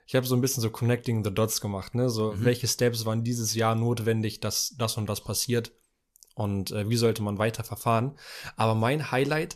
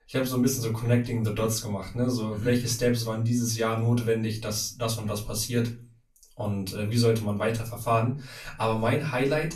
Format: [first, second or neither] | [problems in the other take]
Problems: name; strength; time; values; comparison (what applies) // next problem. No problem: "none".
first | off-mic speech; far // room echo; very slight; dies away in 0.3 s